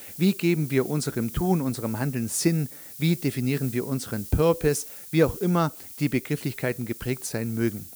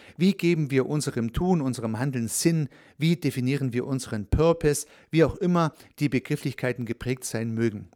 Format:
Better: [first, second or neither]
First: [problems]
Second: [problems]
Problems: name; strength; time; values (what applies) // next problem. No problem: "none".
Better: second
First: hiss; noticeable; throughout; 15 dB below the speech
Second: none